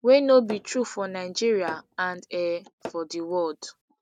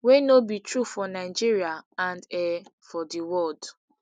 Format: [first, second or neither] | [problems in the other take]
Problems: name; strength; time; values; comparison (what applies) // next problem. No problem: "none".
second | noise reduction (neural mask model RNNoise)